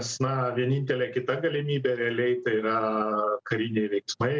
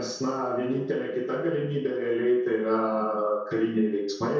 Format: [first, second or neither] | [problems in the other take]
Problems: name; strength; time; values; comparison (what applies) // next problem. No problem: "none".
first | room echo; dies away in 0.7 s